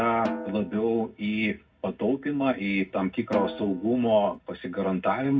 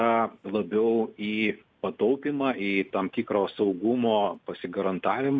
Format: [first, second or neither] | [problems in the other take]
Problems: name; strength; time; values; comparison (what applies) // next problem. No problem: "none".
second | background sound (Snare drum); 12 dB below the speech // room echo; dies away in 0.4 s